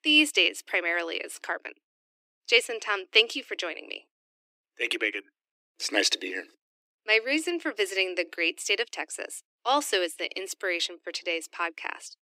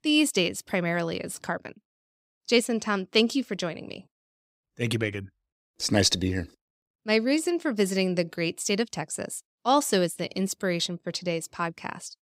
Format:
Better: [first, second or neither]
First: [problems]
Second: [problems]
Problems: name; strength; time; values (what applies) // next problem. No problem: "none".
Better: second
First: thin; somewhat; fading below 300 Hz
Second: none